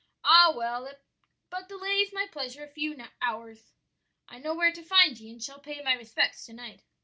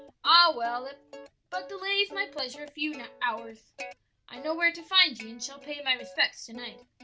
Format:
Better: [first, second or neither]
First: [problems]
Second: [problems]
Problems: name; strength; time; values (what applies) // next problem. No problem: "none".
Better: first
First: none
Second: background sound (Plucked string instrument); 18 dB below the speech